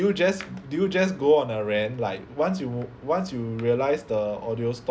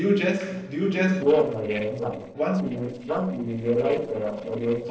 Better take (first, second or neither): first